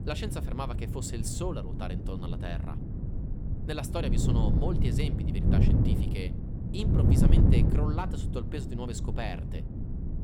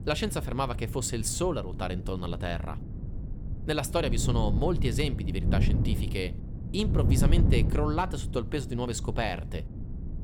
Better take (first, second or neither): second